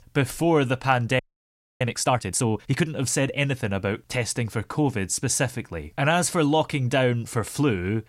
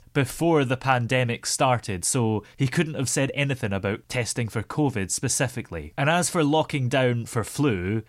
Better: second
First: audio freezing; at 1 s for 0.5 s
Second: none

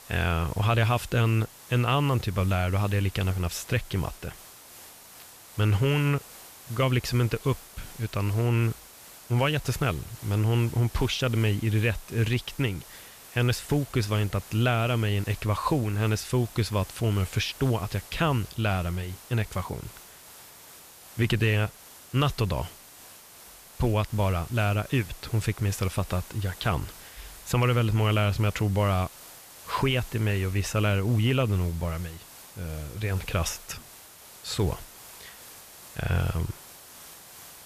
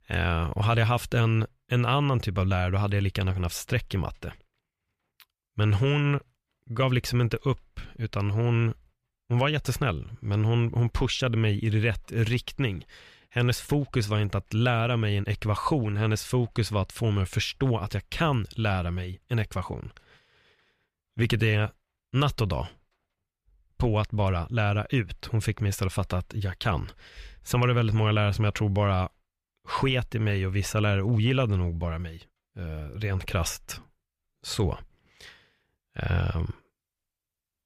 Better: second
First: hiss; noticeable; throughout; 20 dB below the speech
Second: none

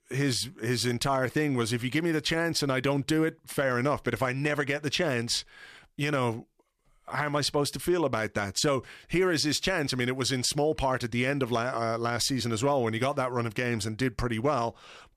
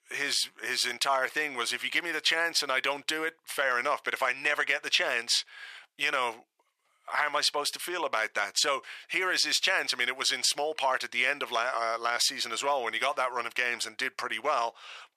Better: first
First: none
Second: thin; very; fading below 800 Hz

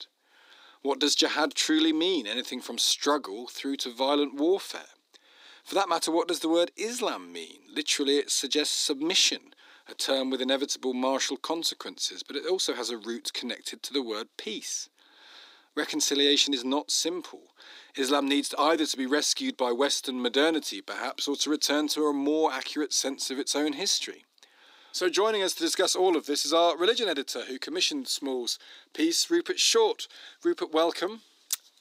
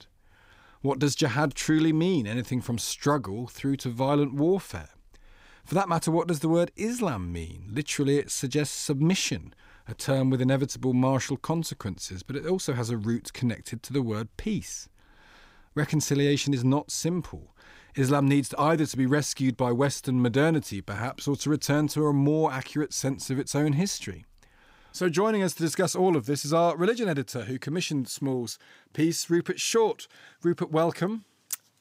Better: second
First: thin; somewhat; fading below 300 Hz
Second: none

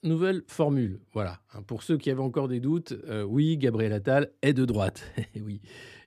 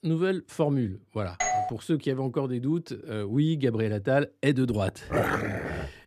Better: first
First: none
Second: doorbell; loud; at 1.5 s; peak 1 dB above the speech // dog barking; loud; at 5 s; peak 1 dB above the speech

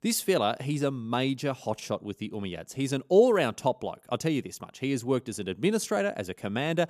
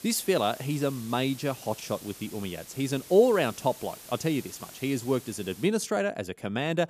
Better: first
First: none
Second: hiss; noticeable; until 5.5 s; 15 dB below the speech

